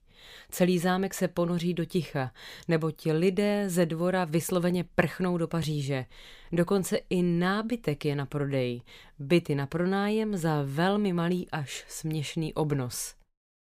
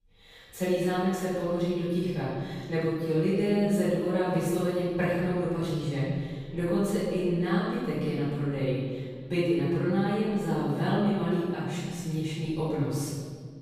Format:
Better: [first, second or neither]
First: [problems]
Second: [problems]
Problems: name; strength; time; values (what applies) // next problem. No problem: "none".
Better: first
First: none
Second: off-mic speech; far // room echo; strong; dies away in 1.9 s